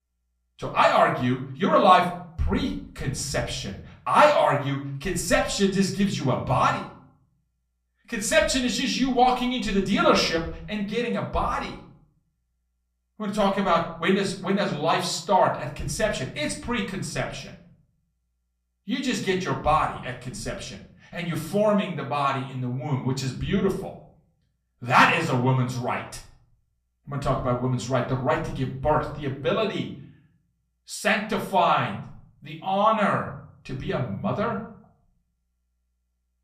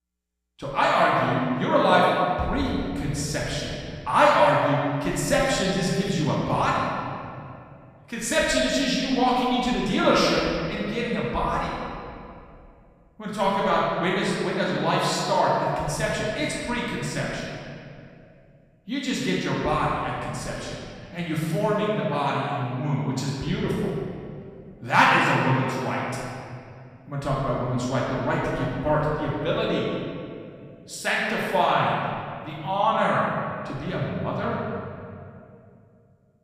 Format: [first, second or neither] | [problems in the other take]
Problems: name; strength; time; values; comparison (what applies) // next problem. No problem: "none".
first | room echo; strong; dies away in 2.1 s; slight in the first // off-mic speech; far; far in the first